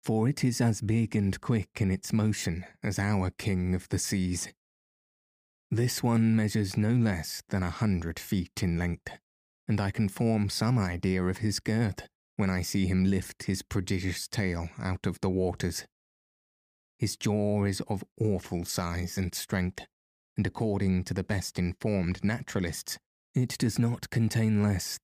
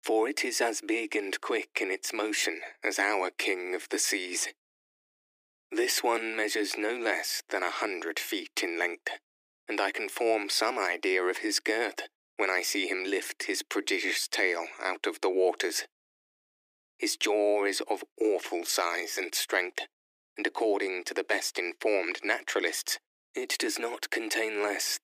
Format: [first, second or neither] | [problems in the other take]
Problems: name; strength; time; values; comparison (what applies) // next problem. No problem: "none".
first | thin; very; fading below 300 Hz